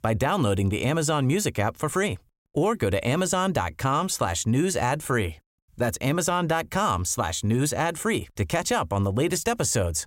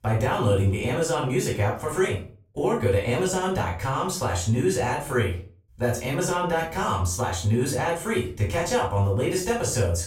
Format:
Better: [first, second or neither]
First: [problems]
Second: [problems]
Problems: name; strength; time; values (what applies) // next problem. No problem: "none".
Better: first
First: none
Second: room echo; slight; dies away in 0.3 s // off-mic speech; far